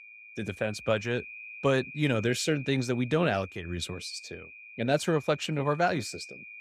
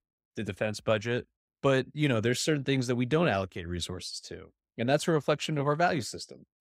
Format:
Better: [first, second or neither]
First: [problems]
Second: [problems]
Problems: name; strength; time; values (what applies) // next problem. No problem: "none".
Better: second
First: high-pitched whine; noticeable; throughout; 2.5 kHz, 15 dB below the speech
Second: none